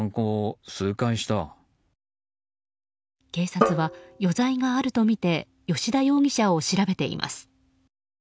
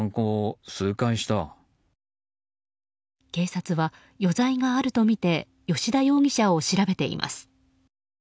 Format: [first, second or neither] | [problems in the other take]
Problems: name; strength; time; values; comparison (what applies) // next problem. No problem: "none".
second | background sound (Drum); 4 dB below the speech